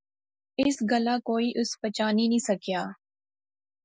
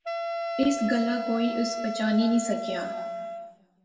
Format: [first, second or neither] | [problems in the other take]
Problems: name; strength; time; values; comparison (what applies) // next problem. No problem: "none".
first | background sound (Wind instrument, woodwind instrument); 5 dB below the speech // room echo; dies away in 1.7 s